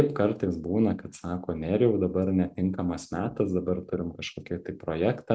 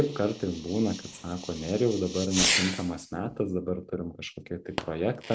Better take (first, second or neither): first